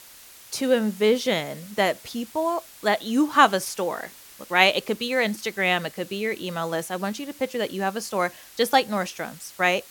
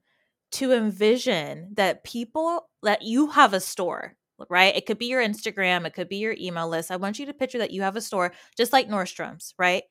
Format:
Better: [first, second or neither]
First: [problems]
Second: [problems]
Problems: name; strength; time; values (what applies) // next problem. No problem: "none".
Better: second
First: hiss; faint; throughout; 20 dB below the speech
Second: none